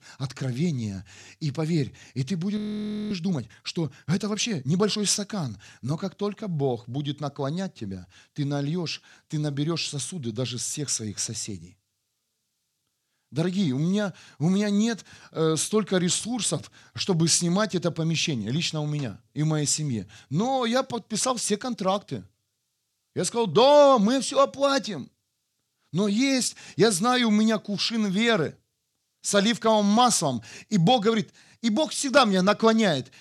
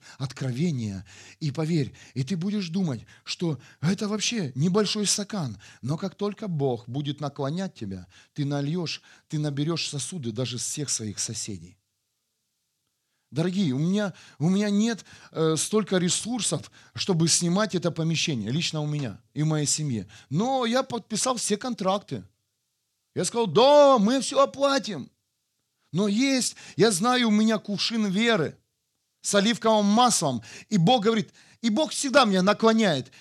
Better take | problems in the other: second | audio freezing; at 2.5 s for 0.5 s

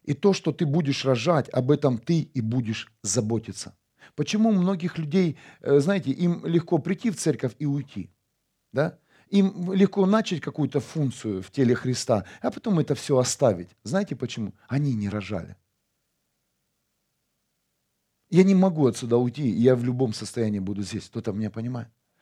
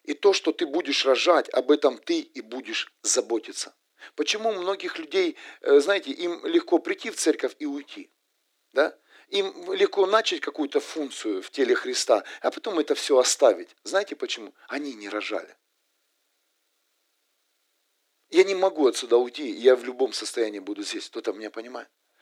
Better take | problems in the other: first | thin; very; fading below 300 Hz

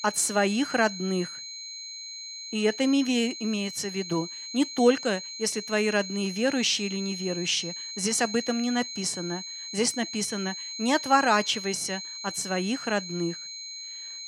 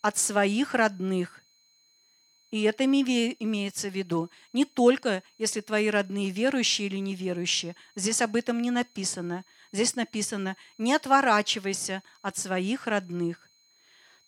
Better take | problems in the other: second | high-pitched whine; loud; throughout; 4 kHz, 8 dB below the speech; faint in the second

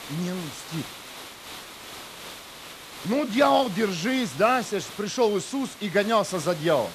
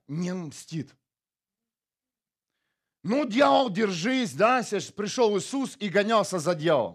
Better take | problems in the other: second | hiss; noticeable; throughout; 15 dB below the speech

